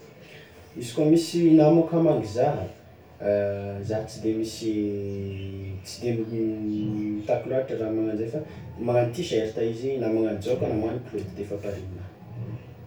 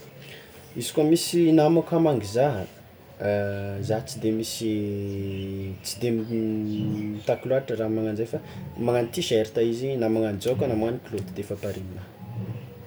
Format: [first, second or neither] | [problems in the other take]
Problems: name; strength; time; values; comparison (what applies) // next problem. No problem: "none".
second | room echo; dies away in 0.3 s